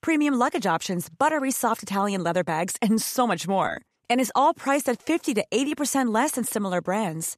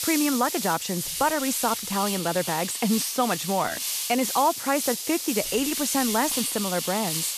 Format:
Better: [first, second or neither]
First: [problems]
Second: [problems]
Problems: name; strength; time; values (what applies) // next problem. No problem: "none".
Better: first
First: none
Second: hiss; loud; throughout; 3 dB below the speech